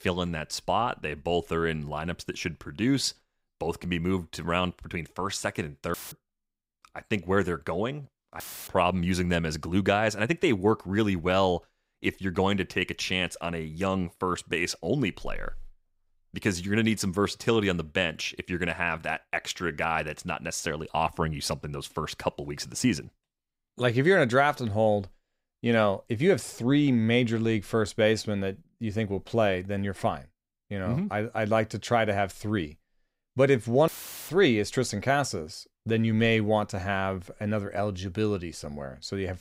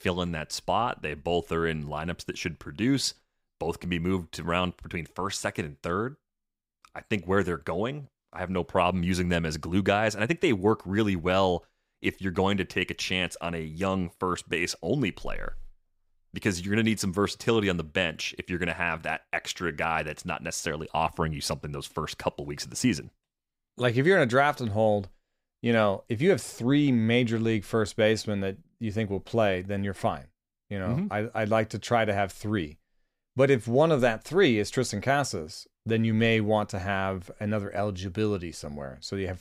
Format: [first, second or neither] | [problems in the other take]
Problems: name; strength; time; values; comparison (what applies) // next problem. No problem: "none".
second | audio cutting out; filled with static; at 6 s, at 8.5 s and at 34 s